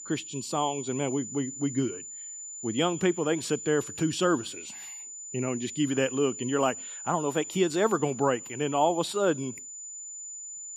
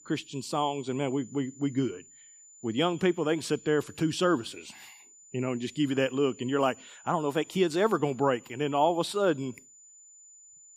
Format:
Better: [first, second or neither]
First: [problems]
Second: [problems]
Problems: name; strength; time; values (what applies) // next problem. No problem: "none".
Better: second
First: high-pitched whine; loud; throughout; 7 kHz, 10 dB below the speech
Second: high-pitched whine; faint; throughout; 7 kHz, 20 dB below the speech